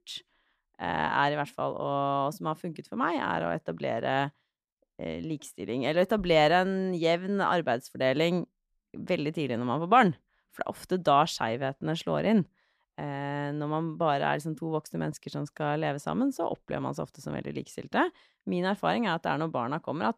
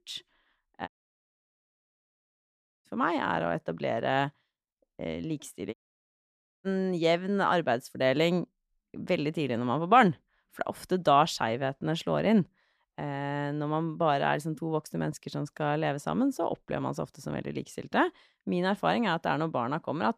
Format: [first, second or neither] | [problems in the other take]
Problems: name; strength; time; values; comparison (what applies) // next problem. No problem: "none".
first | audio cutting out; at 1 s for 2 s and at 5.5 s for 1 s